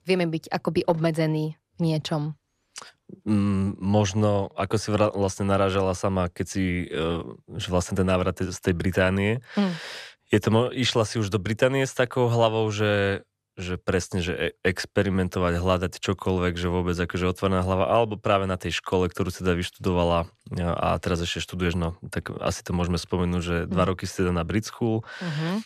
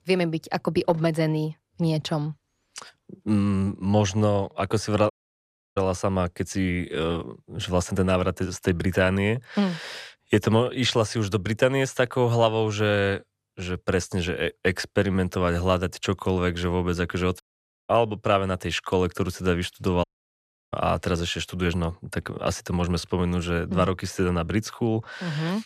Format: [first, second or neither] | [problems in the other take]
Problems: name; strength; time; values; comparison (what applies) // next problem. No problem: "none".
first | audio cutting out; at 5 s for 0.5 s, at 17 s and at 20 s for 0.5 s